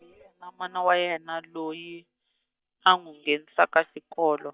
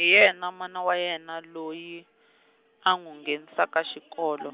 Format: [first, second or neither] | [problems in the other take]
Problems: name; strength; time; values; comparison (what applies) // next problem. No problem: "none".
second | noise reduction (neural mask model DeepFilterNet 3)